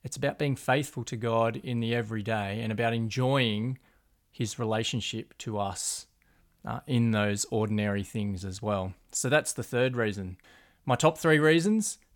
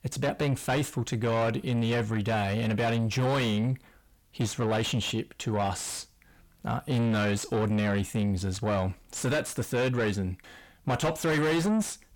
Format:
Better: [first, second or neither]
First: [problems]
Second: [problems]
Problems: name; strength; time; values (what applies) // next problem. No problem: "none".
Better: first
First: none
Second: distortion; heavy; 6 dB below the speech